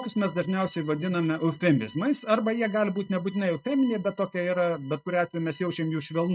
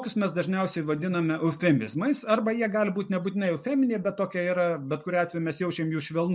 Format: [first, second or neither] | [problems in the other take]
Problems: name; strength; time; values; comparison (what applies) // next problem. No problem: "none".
second | noise reduction (neural mask model RNNoise)